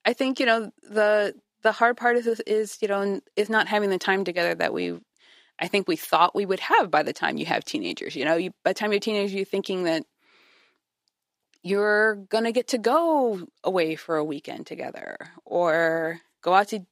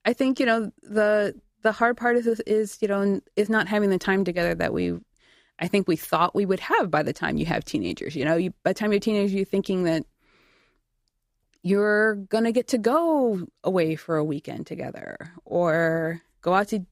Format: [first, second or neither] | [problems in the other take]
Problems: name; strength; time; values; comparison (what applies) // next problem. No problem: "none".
second | thin; very slightly; fading below 250 Hz